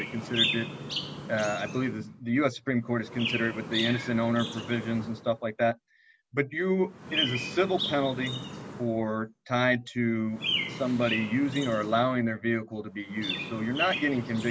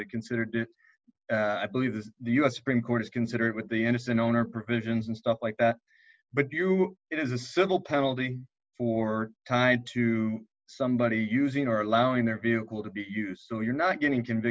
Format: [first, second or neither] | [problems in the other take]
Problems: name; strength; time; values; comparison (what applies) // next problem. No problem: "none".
second | background sound (Chirp, tweet); 7 dB below the speech